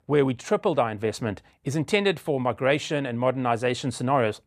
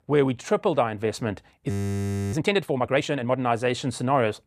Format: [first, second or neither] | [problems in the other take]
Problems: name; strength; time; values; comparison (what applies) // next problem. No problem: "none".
first | audio freezing; at 1.5 s for 0.5 s